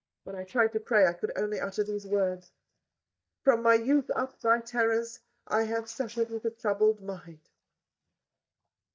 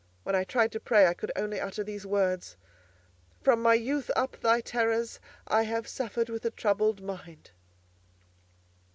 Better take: second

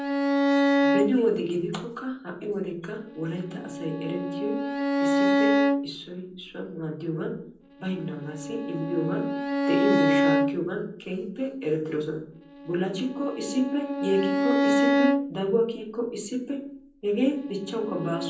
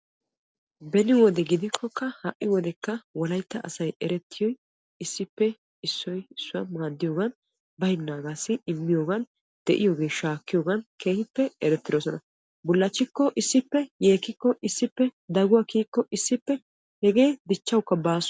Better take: second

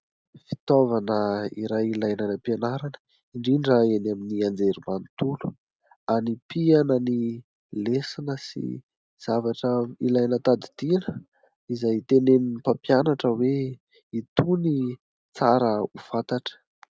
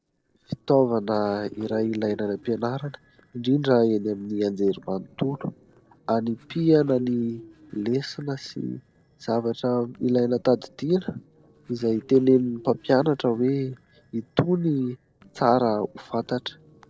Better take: first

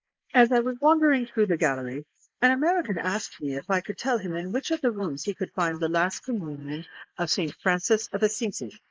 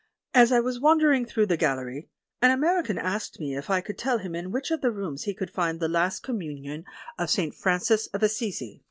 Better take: second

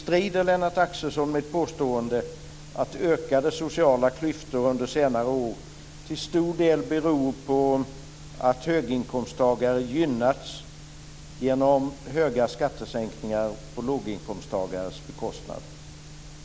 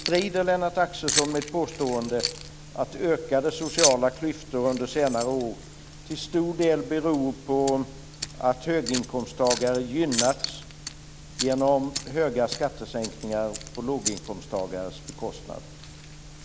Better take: first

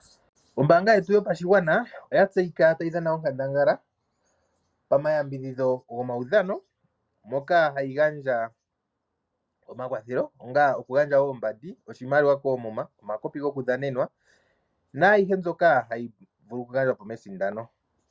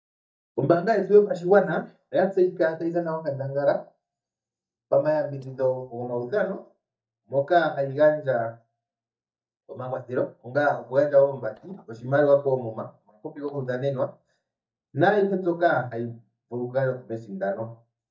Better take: first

